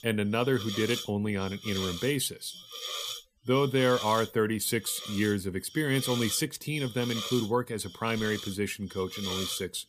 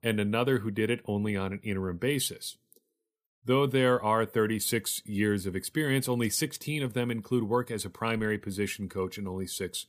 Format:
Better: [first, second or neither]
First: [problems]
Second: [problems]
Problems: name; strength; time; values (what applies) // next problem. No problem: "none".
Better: second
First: hiss; loud; throughout; 8 dB below the speech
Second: none